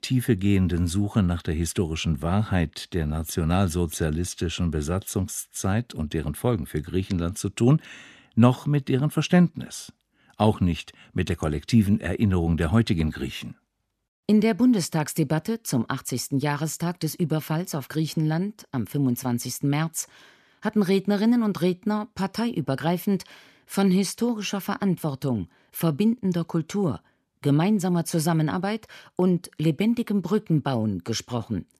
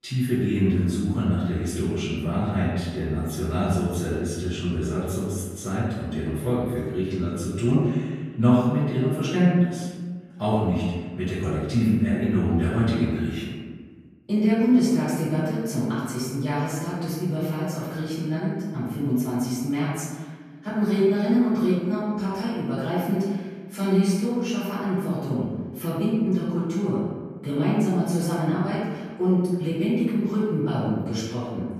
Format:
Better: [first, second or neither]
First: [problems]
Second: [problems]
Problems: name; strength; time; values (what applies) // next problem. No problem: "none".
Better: first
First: none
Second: off-mic speech; far // room echo; strong; dies away in 1.4 s